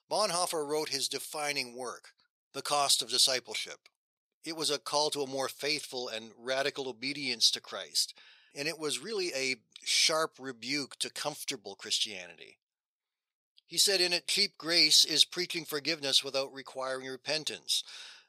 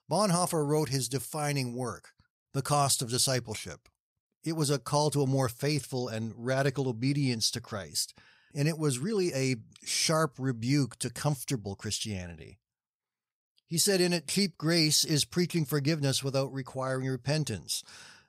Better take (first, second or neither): second